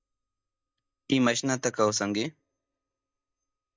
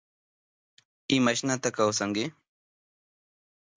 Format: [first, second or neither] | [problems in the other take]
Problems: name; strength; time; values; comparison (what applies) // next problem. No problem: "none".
second | noise reduction (neural mask model DeepFilterNet 3)